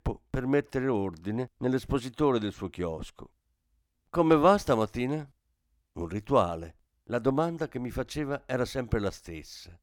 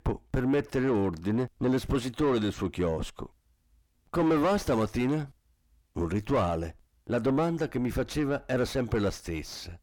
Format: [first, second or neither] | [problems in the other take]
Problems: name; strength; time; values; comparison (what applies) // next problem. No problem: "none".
first | distortion; heavy; 5 dB below the speech